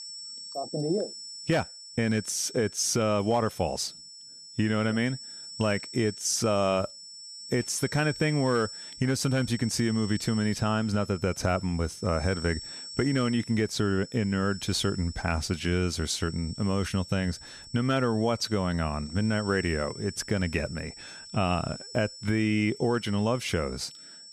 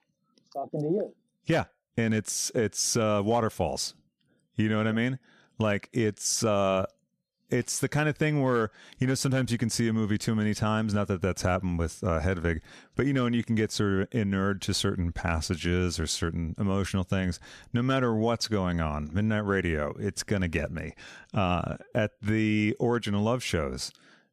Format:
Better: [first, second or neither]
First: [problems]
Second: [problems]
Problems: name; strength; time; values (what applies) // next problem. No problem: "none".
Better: second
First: high-pitched whine; noticeable; throughout; 5.5 kHz, 15 dB below the speech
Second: none